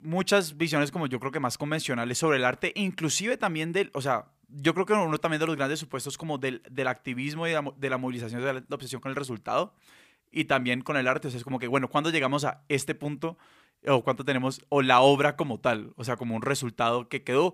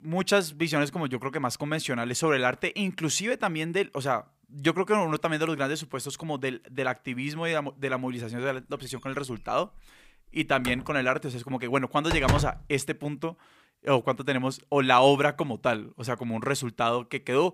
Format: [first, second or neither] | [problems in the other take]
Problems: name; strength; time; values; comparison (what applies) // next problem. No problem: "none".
first | door banging; faint; from 9 to 11 s; peak 10 dB below the speech // door banging; loud; at 12 s; peak 1 dB above the speech